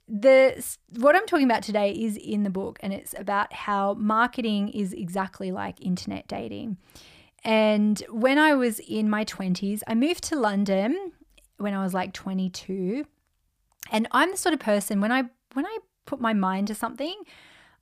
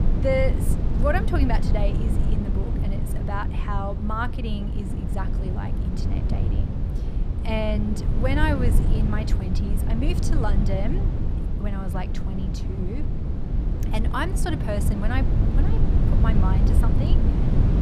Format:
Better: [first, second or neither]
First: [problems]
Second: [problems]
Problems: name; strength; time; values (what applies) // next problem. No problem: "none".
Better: first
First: none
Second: wind noise on the microphone; heavy; 5 dB below the speech